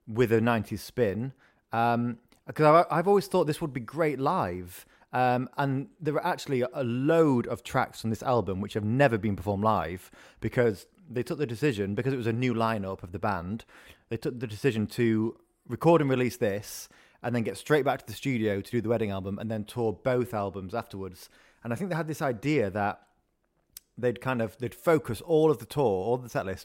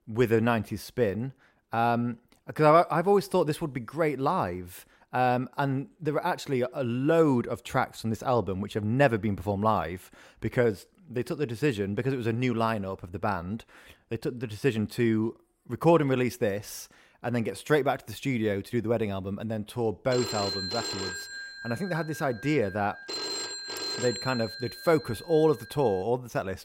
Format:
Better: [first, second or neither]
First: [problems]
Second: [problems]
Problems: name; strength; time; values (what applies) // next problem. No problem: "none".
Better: first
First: none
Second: phone ringing; noticeable; from 20 to 26 s; peak 3 dB below the speech